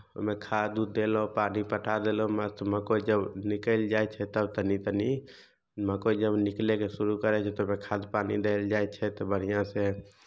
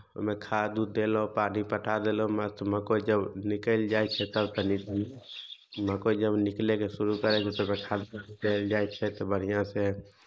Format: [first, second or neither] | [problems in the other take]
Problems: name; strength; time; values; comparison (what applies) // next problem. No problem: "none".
first | noise reduction (neural mask model Resemble Enhance denoiser)